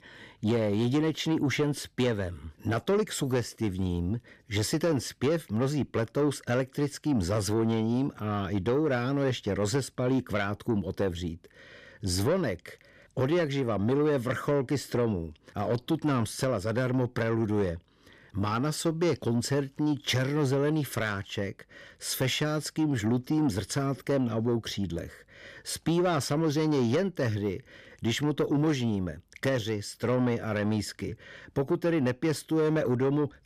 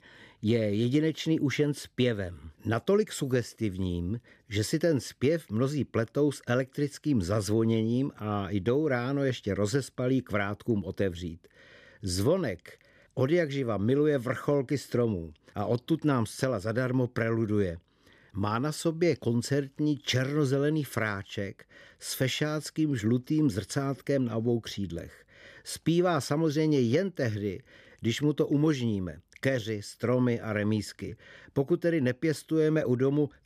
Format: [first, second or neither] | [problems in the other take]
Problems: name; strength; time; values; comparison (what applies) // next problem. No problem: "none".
second | distortion; slight; 10 dB below the speech